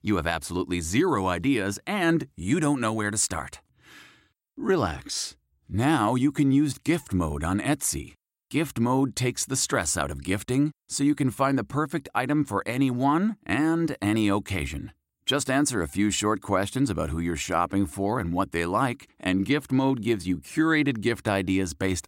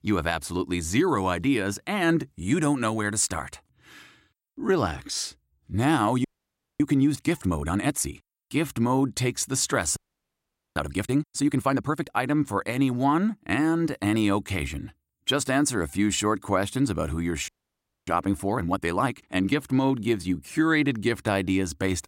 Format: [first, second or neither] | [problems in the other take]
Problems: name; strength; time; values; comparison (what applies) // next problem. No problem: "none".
first | audio freezing; at 6 s for 0.5 s, at 10 s for 1 s and at 17 s for 0.5 s